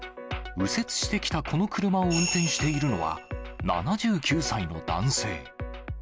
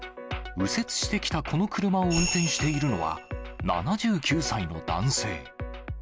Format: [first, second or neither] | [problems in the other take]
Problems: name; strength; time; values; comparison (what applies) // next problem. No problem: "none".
first | background sound (Car); 12 dB below the speech